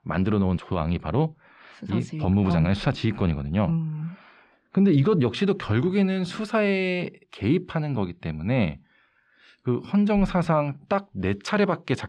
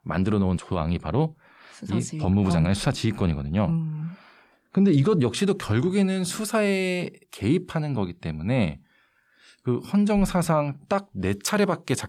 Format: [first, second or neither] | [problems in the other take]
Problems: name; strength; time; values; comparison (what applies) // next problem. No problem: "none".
second | muffled; very slightly; fading above 3 kHz